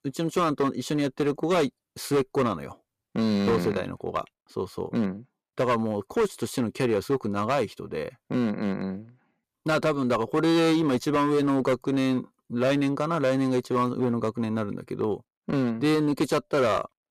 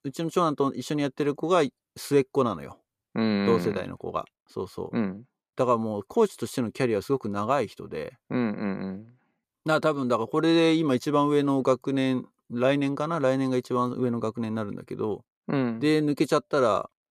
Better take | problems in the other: second | distortion; slight; 8% of the sound clipped

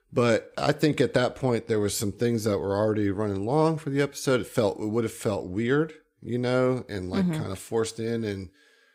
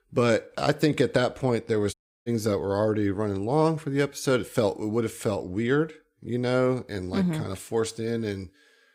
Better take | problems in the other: first | audio cutting out; at 2 s

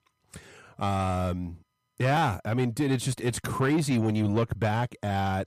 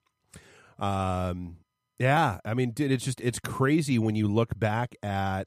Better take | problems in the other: second | distortion; slight; 10 dB below the speech

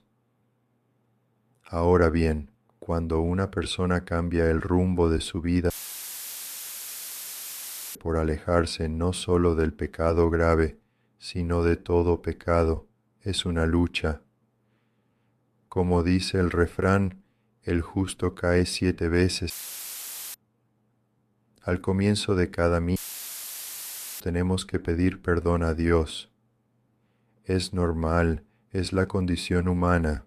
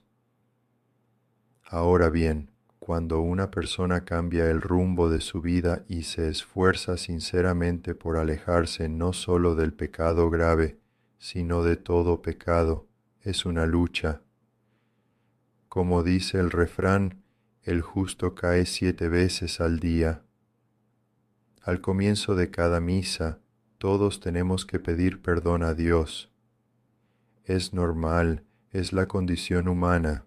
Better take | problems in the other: second | audio cutting out; filled with static; at 5.5 s for 2.5 s, at 20 s for 1 s and at 23 s for 1 s

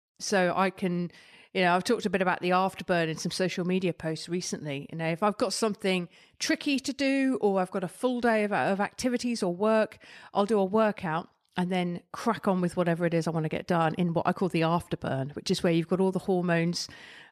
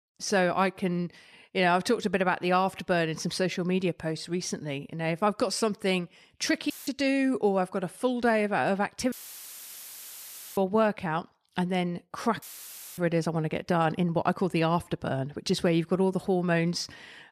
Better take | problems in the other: first | audio cutting out; filled with static; at 6.5 s, at 9 s for 1.5 s and at 12 s for 0.5 s

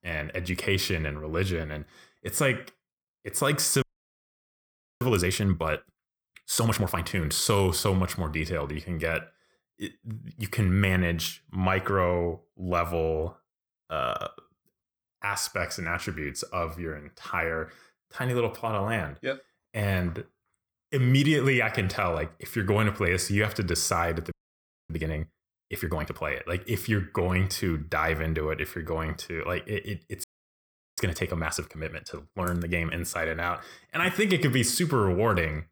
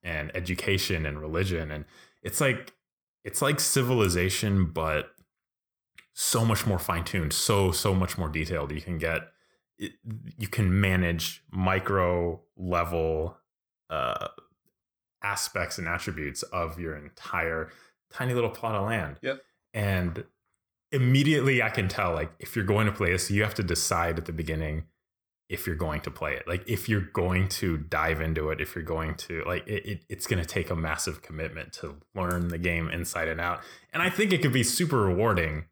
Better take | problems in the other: second | audio freezing; at 4 s for 1 s, at 24 s for 0.5 s and at 30 s for 0.5 s

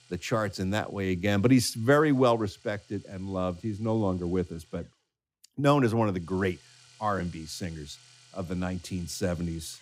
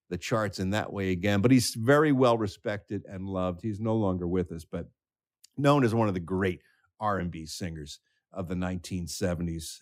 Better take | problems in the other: second | household noises; faint; throughout; 25 dB below the speech

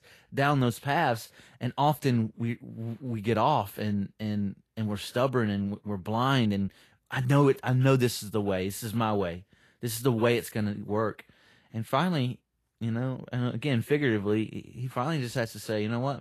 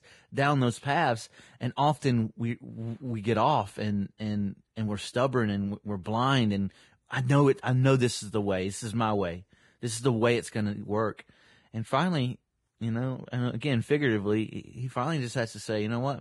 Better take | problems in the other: first | garbled, watery; badly; nothing above 10.5 kHz; slightly in the first

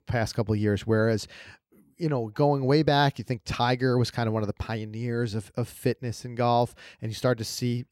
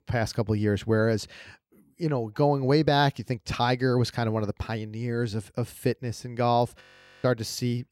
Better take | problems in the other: first | audio freezing; at 7 s

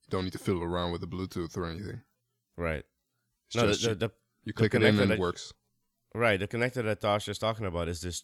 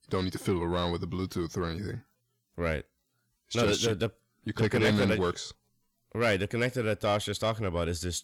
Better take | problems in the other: first | distortion; slight; 10 dB below the speech

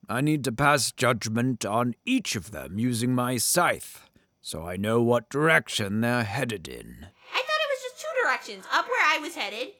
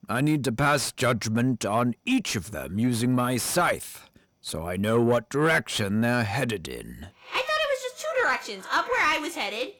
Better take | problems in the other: first | distortion; slight; 10 dB below the speech

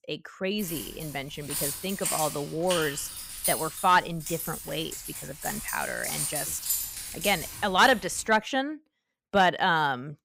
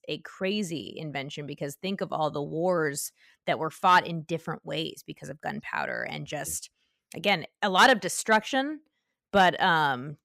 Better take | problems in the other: second | jangling keys; loud; from 0.5 to 8 s; peak level with the speech

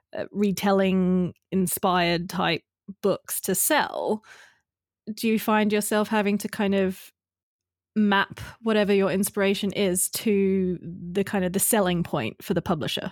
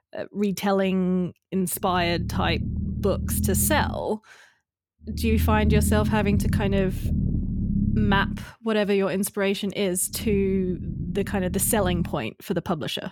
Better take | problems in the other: first | low rumble; noticeable; from 2 to 4 s, from 5 to 8.5 s and from 10 to 12 s; 10 dB below the speech

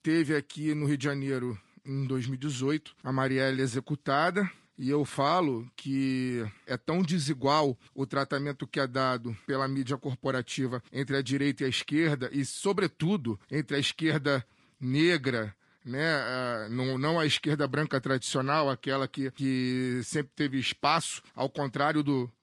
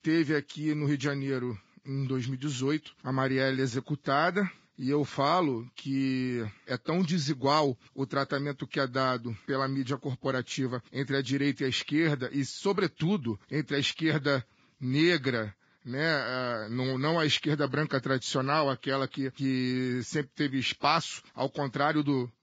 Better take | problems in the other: first | garbled, watery; badly; nothing above 7.5 kHz; slightly in the first

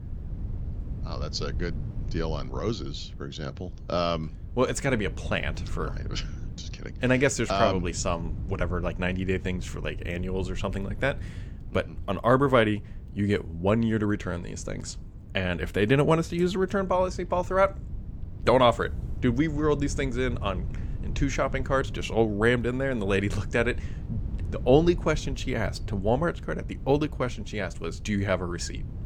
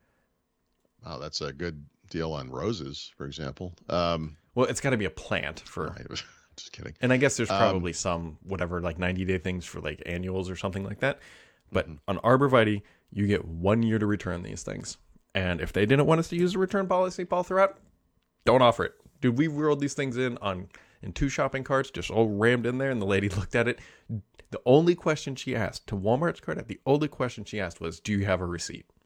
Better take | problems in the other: second | wind noise on the microphone; occasional gusts; 25 dB below the speech

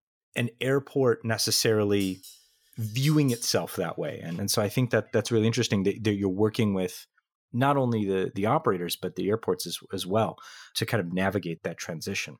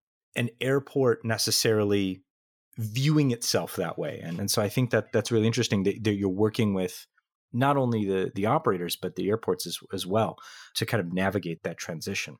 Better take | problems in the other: second | clattering dishes; faint; from 2 to 3.5 s; peak 15 dB below the speech

